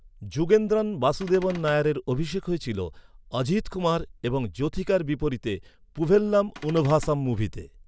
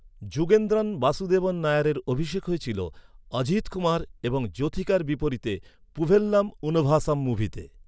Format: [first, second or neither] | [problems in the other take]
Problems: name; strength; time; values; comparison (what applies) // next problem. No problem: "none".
second | background sound (Cupboard open or close / Door); 17 dB below the speech